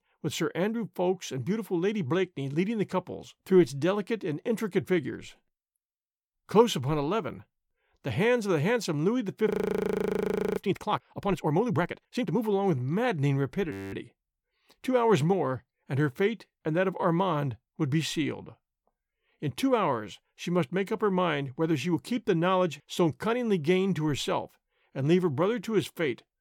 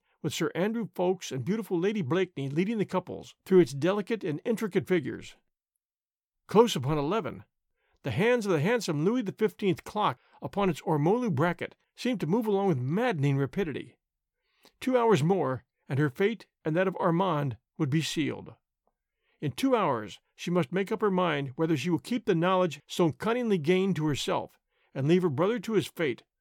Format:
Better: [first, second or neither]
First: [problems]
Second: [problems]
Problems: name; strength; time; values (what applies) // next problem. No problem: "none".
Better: second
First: audio freezing; at 9.5 s for 1 s and at 14 s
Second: none